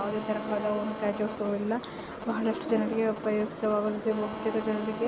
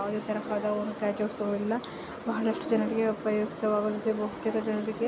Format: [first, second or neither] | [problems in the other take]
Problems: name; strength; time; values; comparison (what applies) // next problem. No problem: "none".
second | background sound (Telephone); 12 dB below the speech